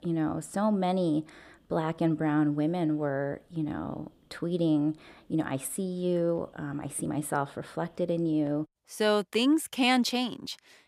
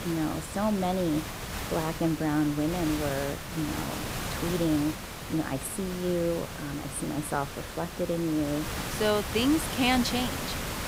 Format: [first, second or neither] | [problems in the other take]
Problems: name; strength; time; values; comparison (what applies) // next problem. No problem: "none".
first | hiss; loud; throughout; 6 dB below the speech